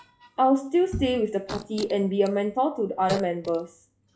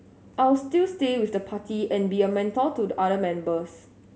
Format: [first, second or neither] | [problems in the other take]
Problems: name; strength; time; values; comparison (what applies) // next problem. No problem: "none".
second | noise reduction (classical method log-MMSE)